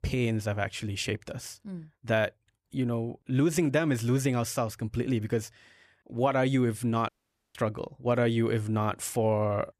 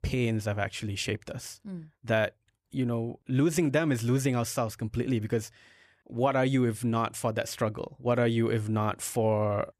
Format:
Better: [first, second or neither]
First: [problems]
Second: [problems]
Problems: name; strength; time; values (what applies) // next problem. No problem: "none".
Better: second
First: audio cutting out; at 7 s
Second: none